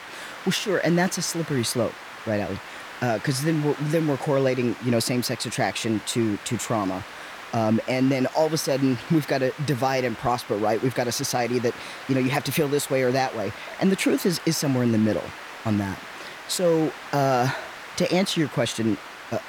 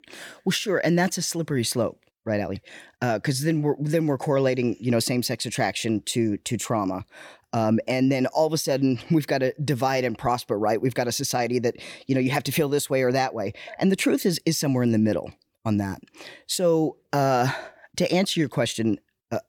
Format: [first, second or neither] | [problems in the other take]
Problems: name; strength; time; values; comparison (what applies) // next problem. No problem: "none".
second | hiss; noticeable; throughout; 15 dB below the speech